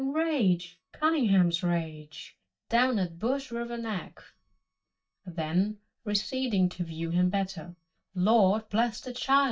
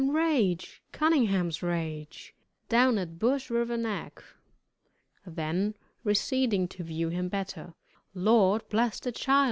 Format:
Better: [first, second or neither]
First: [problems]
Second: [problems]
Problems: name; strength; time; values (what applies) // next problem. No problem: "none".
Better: second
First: noise reduction (neural mask model DeepFilterNet 3)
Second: none